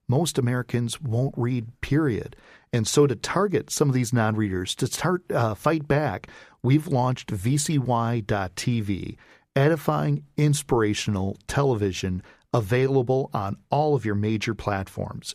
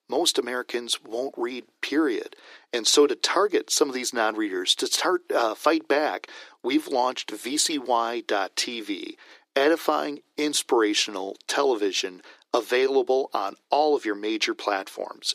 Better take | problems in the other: first | thin; somewhat; fading below 300 Hz

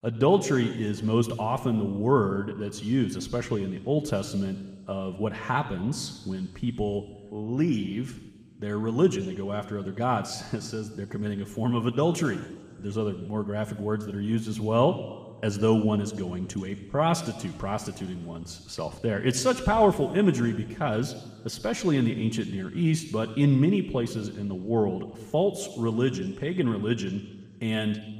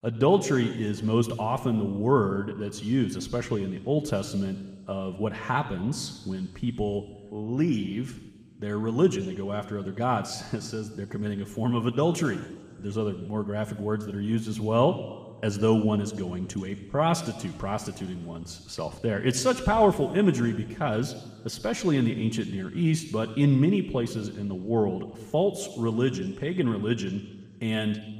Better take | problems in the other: neither | room echo; slight; dies away in 1.8 s; the same in both

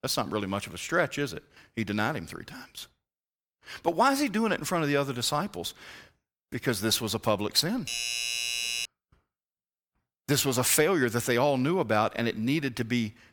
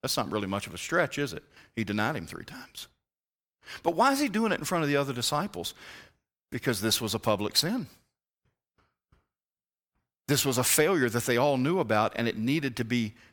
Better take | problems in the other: second | doorbell; noticeable; from 8 to 9 s; peak 1 dB below the speech

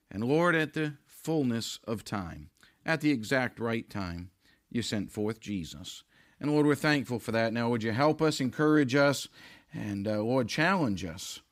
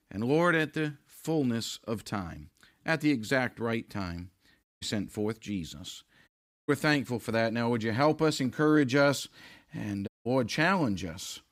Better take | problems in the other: first | audio cutting out; at 4.5 s, at 6.5 s and at 10 s

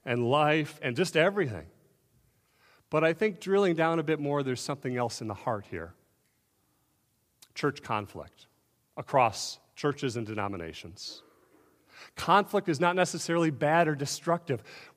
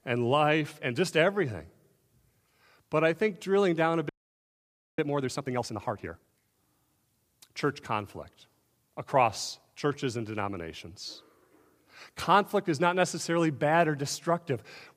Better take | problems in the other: first | audio freezing; at 4 s for 1 s

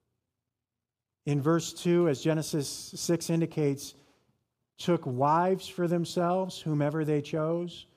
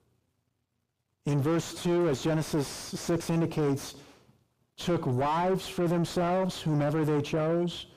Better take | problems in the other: first | distortion; heavy; 6 dB below the speech

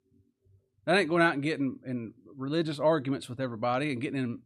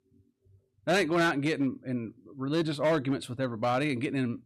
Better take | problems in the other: first | distortion; slight; 6% of the sound clipped

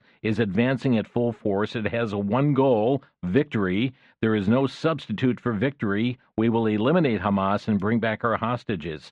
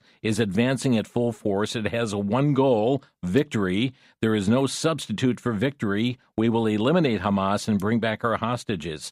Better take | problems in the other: second | muffled; slightly; fading above 2.5 kHz

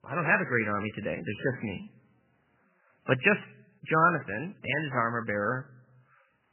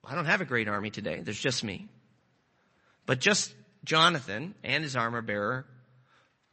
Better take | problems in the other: second | garbled, watery; badly; nothing above 3 kHz; slightly in the second

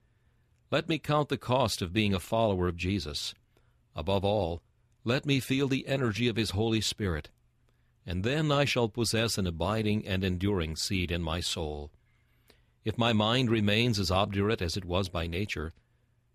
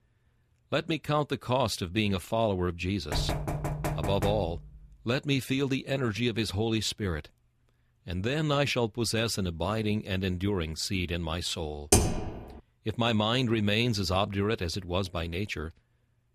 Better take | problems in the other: first | door banging; noticeable; from 3 to 4.5 s; peak 2 dB below the speech // keyboard typing; loud; at 12 s; peak 5 dB above the speech

